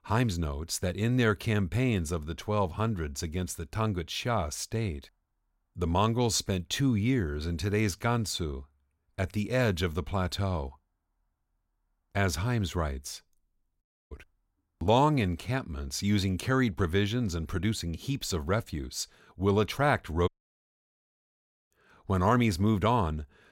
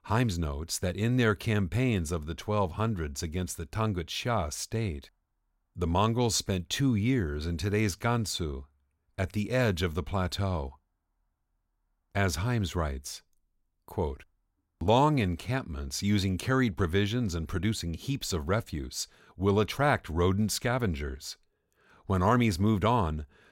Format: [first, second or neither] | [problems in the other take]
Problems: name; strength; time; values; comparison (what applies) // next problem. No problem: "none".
second | audio cutting out; at 14 s and at 20 s for 1.5 s